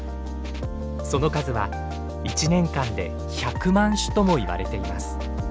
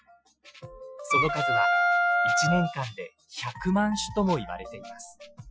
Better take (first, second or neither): first